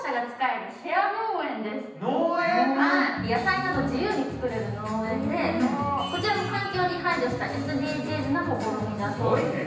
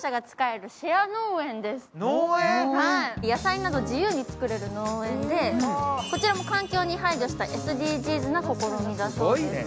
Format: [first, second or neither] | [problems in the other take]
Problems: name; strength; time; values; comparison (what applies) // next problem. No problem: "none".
second | room echo; dies away in 0.9 s